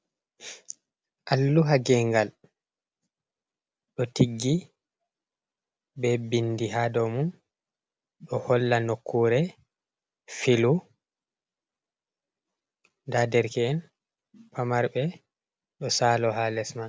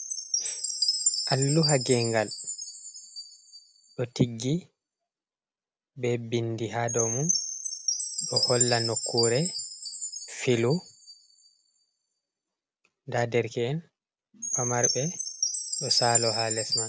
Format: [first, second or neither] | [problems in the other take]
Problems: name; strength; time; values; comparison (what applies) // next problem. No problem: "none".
first | background sound (Chime); 2 dB below the speech